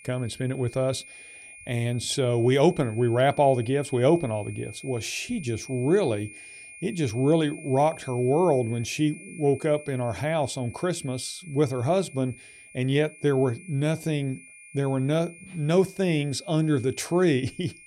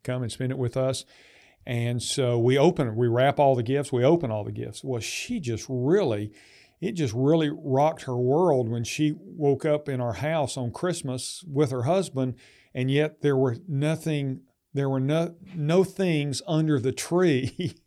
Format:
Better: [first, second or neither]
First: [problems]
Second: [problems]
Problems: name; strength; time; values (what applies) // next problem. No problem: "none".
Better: second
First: high-pitched whine; noticeable; throughout; 2.5 kHz, 20 dB below the speech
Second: none